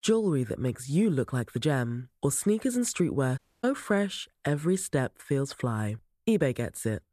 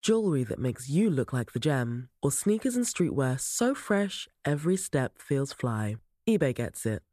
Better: second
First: audio cutting out; at 3.5 s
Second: none

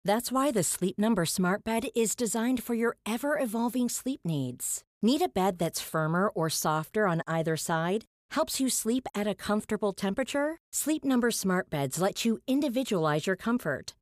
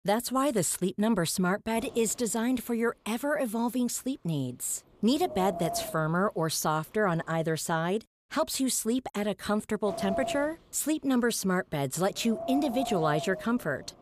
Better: first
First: none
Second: wind noise on the microphone; heavy; from 2 to 7.5 s and from 10 s on; 6 dB below the speech

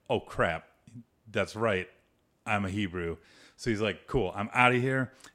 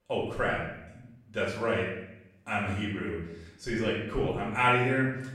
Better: first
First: none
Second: room echo; noticeable; dies away in 0.8 s // off-mic speech; far

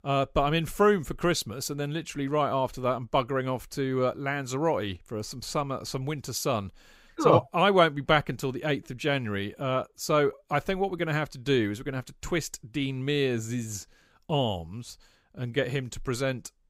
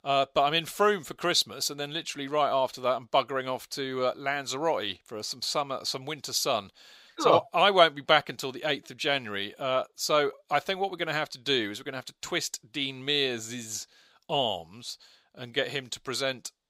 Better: first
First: none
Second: thin; somewhat; fading below 550 Hz

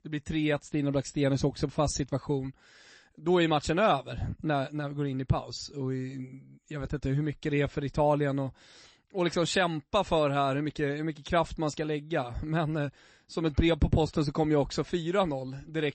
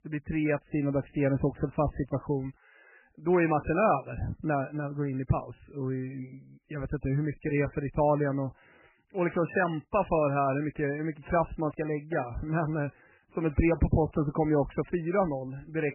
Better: first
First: garbled, watery; slightly; nothing above 8 kHz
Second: garbled, watery; badly; nothing above 2.5 kHz

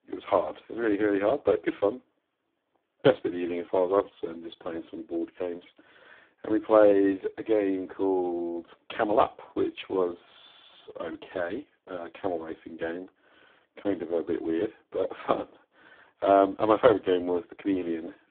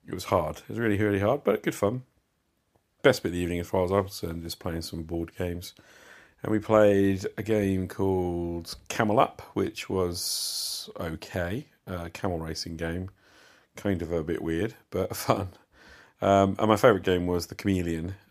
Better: second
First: phone-call audio; poor line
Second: none

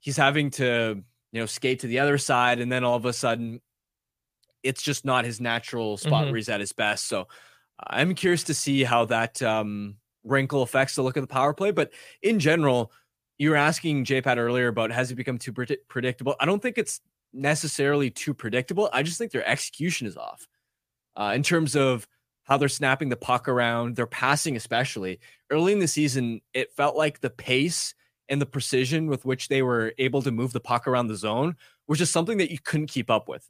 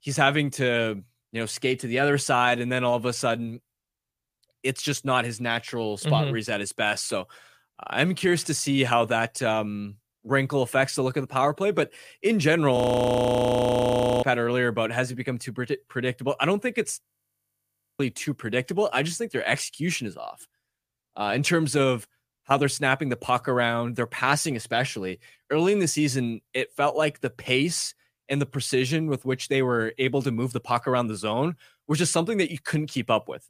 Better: first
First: none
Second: audio freezing; at 13 s for 1.5 s and at 17 s for 1 s

